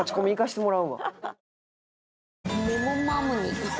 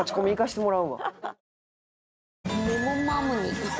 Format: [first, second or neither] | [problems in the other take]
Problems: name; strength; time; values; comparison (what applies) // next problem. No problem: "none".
first | background sound (Fart); 18 dB below the speech